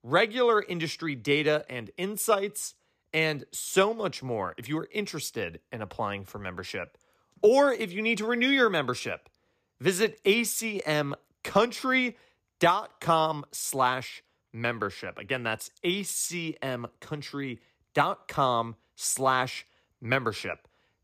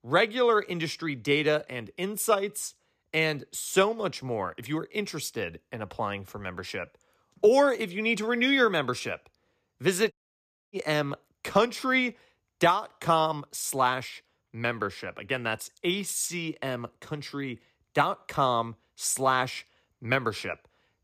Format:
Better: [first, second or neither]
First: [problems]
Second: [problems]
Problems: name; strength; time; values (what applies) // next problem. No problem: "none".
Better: first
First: none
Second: audio cutting out; at 10 s for 0.5 s